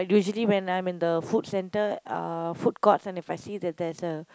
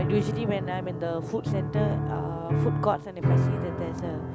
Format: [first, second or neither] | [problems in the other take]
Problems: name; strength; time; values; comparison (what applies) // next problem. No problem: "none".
first | background sound (Piano); 4 dB above the speech